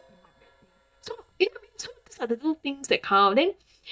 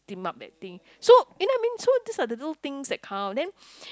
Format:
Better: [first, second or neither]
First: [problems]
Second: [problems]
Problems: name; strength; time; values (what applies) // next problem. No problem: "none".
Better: second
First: noise reduction (neural mask model DeepFilterNet 3)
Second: none